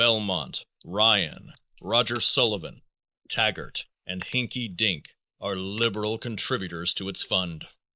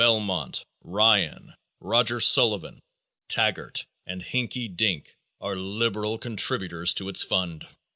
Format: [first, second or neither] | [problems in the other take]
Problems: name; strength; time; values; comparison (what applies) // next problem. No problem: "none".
second | noise reduction (neural mask model Resemble Enhance denoiser)